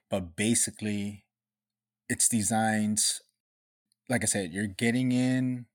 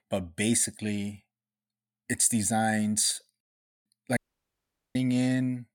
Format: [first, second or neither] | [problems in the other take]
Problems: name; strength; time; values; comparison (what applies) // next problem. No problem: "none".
first | audio cutting out; at 4 s for 1 s